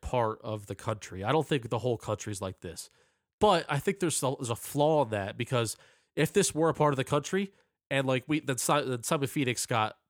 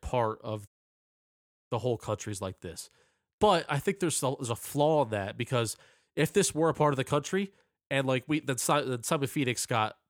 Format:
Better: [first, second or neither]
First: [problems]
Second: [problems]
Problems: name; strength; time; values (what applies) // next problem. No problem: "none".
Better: first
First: none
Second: audio cutting out; at 0.5 s for 1 s